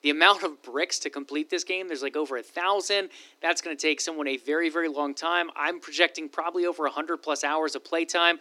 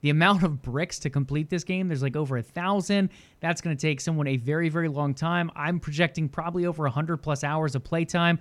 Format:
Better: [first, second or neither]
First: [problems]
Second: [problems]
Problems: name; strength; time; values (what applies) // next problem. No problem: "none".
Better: second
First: thin; very; fading below 300 Hz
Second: none